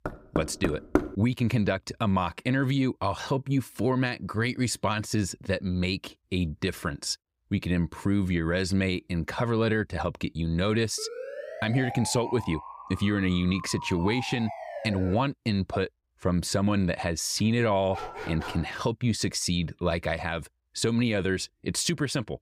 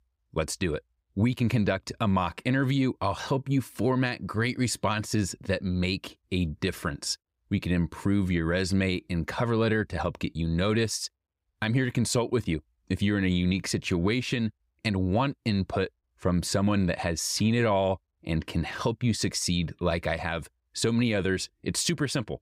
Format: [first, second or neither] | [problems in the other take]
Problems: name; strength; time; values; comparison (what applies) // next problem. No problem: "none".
second | door banging; loud; until 1 s; peak level with the speech // siren; noticeable; from 11 to 15 s; peak 9 dB below the speech // dog barking; noticeable; at 18 s; peak 9 dB below the speech